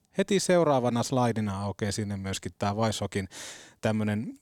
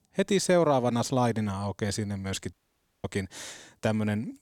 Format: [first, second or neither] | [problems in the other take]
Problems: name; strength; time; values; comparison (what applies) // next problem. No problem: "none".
first | audio cutting out; at 2.5 s for 0.5 s